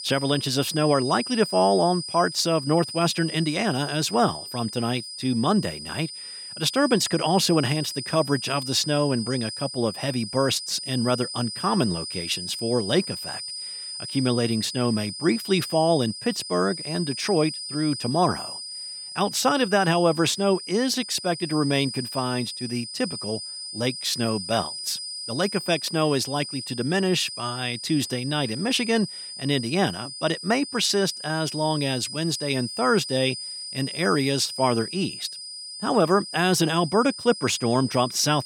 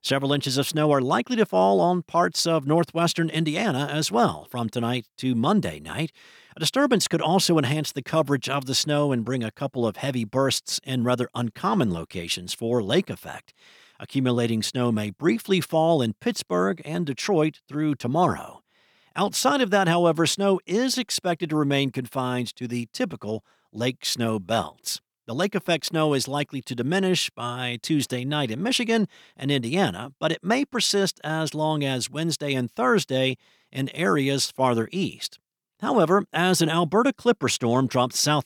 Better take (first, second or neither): second